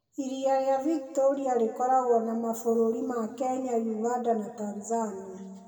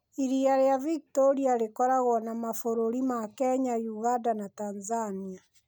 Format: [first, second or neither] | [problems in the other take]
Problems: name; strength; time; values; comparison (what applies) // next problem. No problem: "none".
second | room echo; dies away in 1.9 s